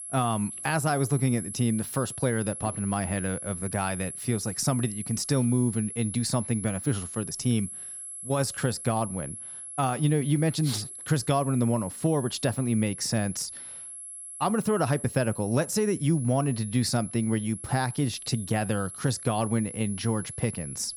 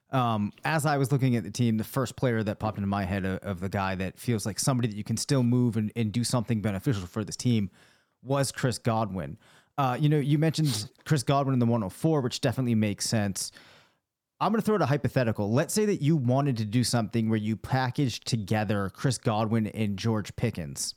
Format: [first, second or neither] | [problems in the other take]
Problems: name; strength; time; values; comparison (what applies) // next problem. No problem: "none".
second | high-pitched whine; loud; throughout; 11 kHz, 9 dB below the speech